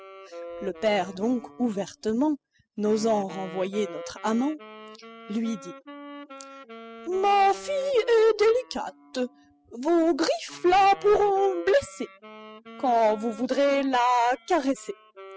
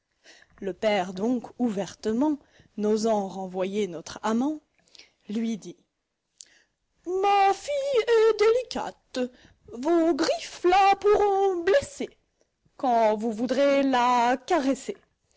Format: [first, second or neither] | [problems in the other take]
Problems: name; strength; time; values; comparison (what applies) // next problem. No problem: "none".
second | noise reduction (classical method spectral subtraction)